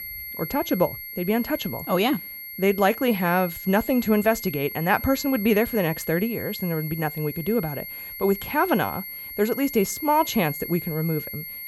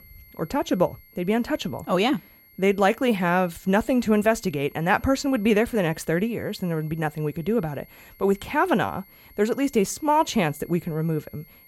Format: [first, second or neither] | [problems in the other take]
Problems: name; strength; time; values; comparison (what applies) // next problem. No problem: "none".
second | high-pitched whine; loud; throughout; 11.5 kHz, 9 dB below the speech; faint in the second